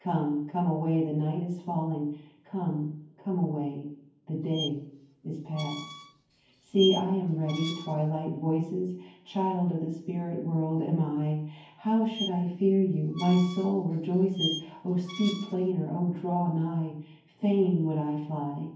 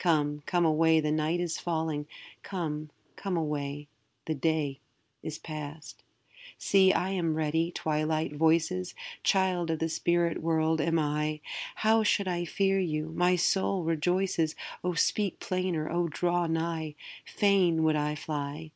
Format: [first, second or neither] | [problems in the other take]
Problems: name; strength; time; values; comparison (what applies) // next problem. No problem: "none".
second | background sound (Squeak); 11 dB below the speech // room echo; dies away in 0.9 s